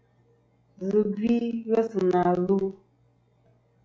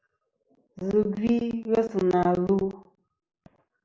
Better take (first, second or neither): second